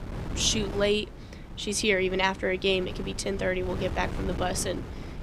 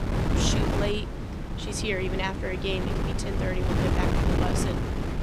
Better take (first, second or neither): first